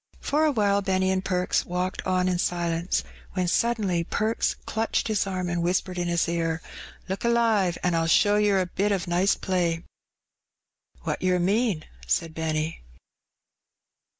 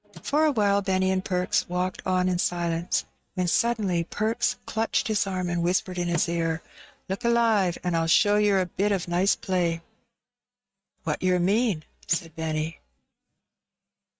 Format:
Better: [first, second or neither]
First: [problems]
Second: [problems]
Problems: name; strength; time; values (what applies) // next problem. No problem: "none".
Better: first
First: none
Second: noise reduction (neural mask model RNNoise)